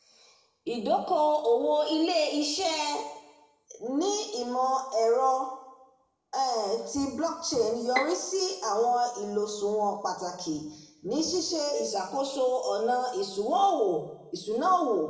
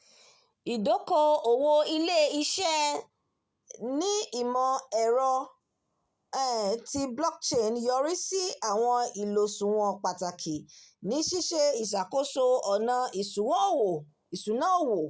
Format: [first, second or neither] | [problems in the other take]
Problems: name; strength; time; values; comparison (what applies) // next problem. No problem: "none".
second | background sound (Bowed string instrument); 9 dB below the speech // room echo; dies away in 0.8 s